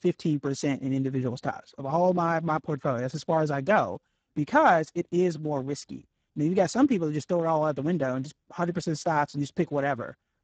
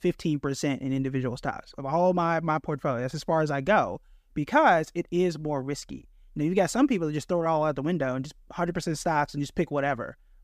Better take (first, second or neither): second